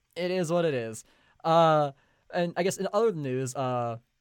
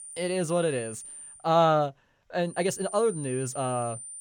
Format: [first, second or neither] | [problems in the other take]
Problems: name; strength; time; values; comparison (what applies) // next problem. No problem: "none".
first | high-pitched whine; noticeable; until 1.5 s and from 2.5 s on; 9 kHz, 10 dB below the speech